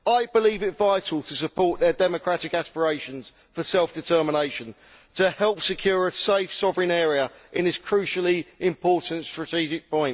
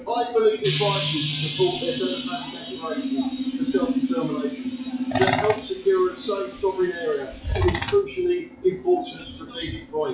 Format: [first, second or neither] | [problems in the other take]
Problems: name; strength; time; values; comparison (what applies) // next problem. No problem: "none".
first | noise reduction (classical method WPE with log-MMSE)